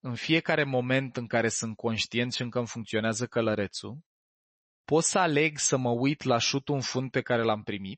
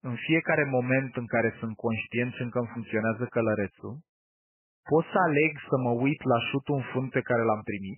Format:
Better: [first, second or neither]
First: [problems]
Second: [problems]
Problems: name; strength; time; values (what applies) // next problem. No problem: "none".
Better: first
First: garbled, watery; slightly; nothing above 8 kHz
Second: garbled, watery; badly; nothing above 3 kHz